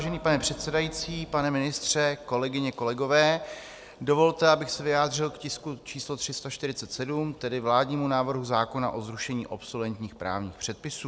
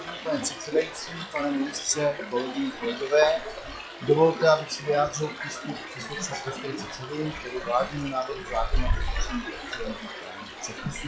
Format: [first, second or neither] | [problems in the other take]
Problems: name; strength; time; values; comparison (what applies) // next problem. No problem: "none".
first | noise reduction (classical method log-MMSE)